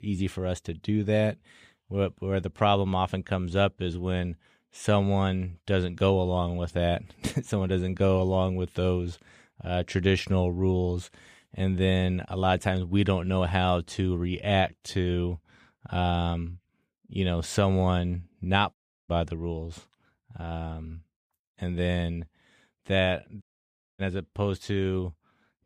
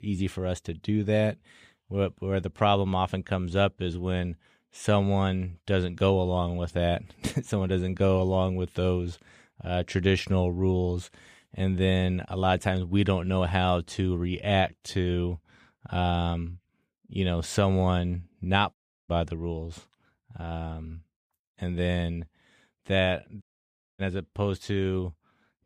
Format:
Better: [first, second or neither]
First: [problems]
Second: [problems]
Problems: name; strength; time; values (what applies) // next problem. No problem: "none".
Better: neither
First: audio cutting out; at 19 s and at 23 s for 0.5 s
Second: audio cutting out; at 19 s and at 23 s for 0.5 s